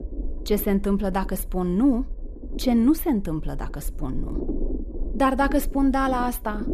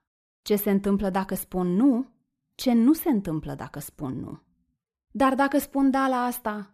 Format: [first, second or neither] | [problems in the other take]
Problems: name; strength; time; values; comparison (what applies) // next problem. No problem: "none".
second | low rumble; noticeable; throughout; 15 dB below the speech